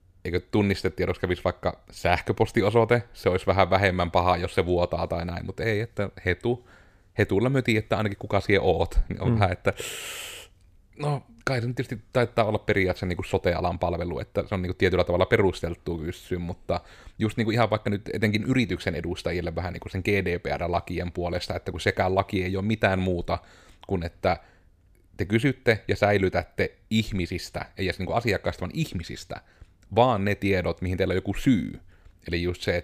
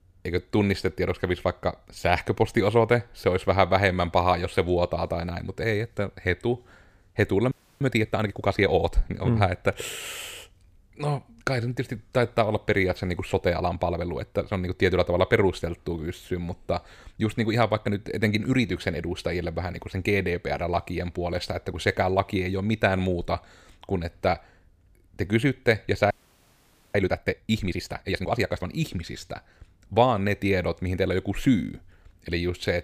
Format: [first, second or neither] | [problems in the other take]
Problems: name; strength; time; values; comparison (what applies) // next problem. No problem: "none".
first | audio freezing; at 7.5 s and at 26 s for 1 s